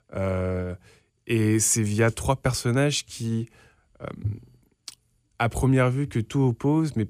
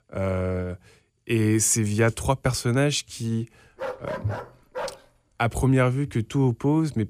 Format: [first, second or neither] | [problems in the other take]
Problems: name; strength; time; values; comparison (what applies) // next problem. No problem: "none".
first | dog barking; noticeable; from 4 to 5 s; peak 8 dB below the speech